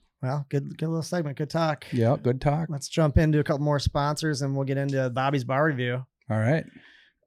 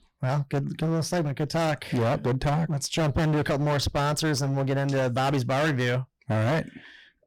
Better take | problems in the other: first | distortion; heavy; 24% of the sound clipped

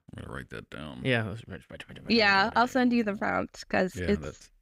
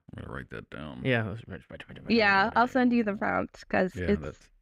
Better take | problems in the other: first | muffled; very slightly; fading above 3.5 kHz

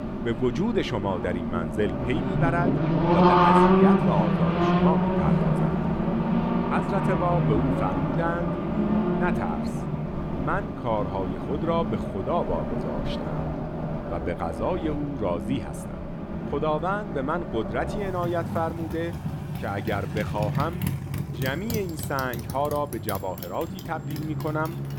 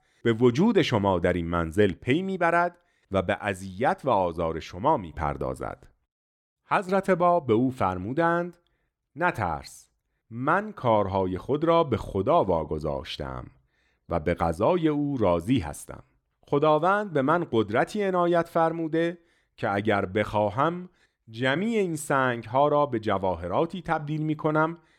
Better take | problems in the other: second | traffic noise; very loud; throughout; 3 dB above the speech

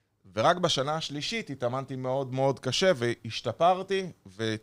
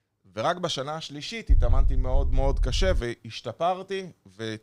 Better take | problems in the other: first | low rumble; very faint; from 1.5 to 3 s; 20 dB below the speech

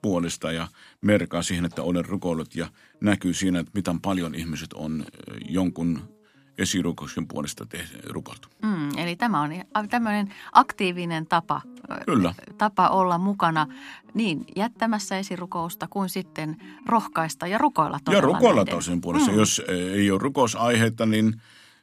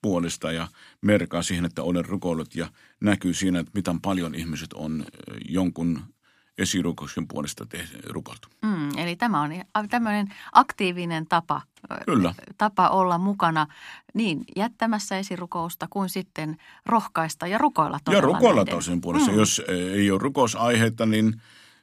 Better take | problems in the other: second | background music; faint; throughout; 25 dB below the speech

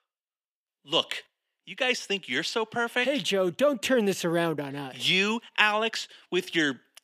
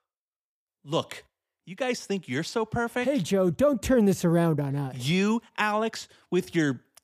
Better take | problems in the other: second | thin; very slightly; fading below 250 Hz

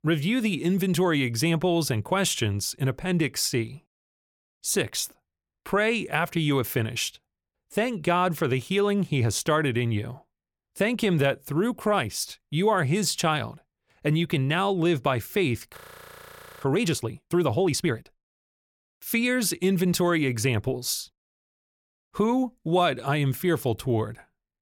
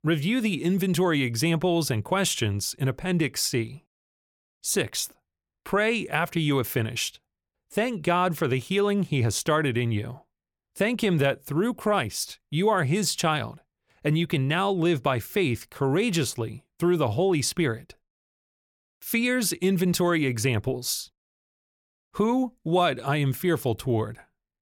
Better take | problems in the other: second | audio freezing; at 16 s for 1 s

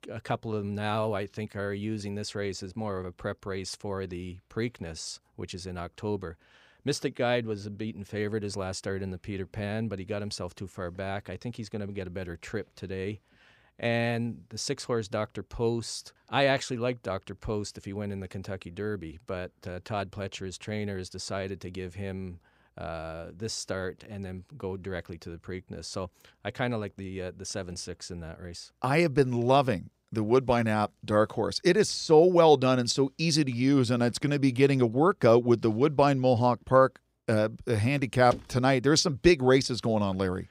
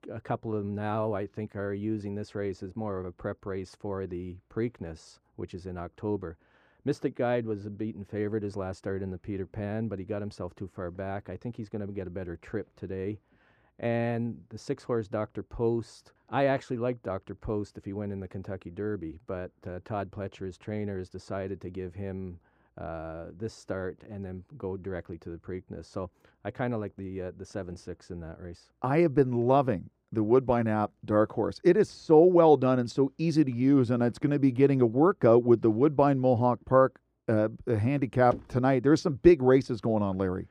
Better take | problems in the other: first | muffled; slightly; fading above 2.5 kHz

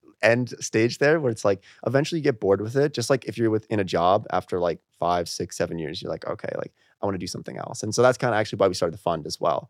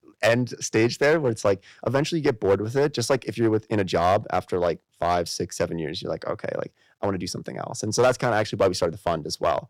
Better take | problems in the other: first | distortion; slight; 3% of the sound clipped

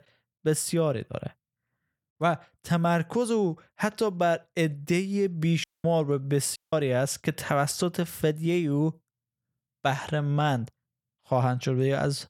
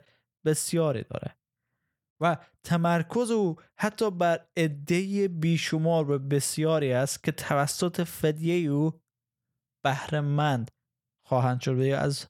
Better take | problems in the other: second | audio cutting out; at 5.5 s and at 6.5 s

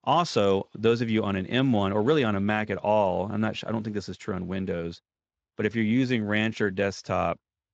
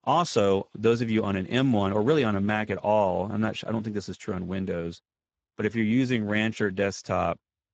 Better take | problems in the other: first | garbled, watery; badly; nothing above 7.5 kHz; slightly in the first

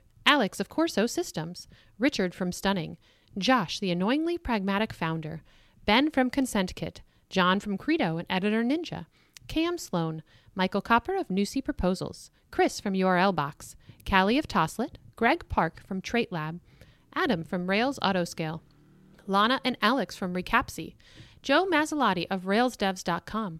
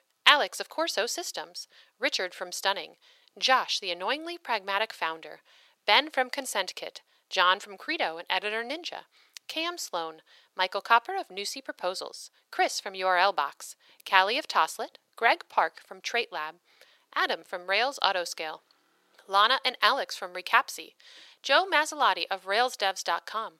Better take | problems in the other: first | thin; very; fading below 550 Hz

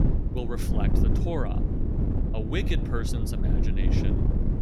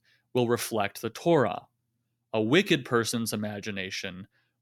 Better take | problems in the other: second | wind noise on the microphone; heavy; as loud as the speech

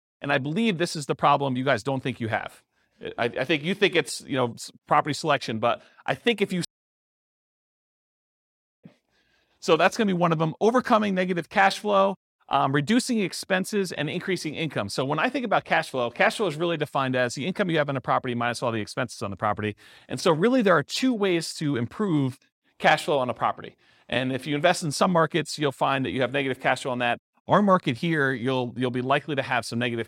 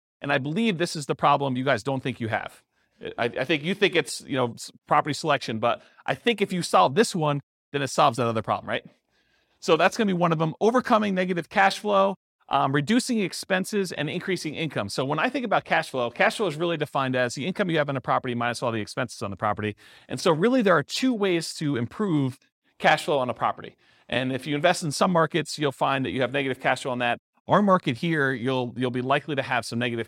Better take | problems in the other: second | audio cutting out; at 6.5 s for 2 s

